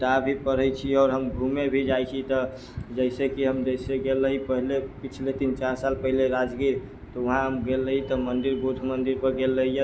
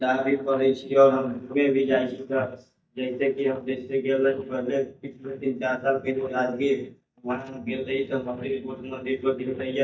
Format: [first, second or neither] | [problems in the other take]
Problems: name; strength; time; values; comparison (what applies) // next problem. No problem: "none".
first | noise reduction (neural mask model DeepFilterNet 3)